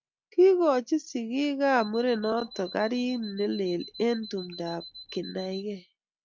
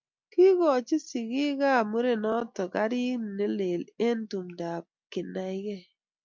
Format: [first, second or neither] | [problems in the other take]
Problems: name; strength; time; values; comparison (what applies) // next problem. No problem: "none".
second | background sound (Alarm); 17 dB below the speech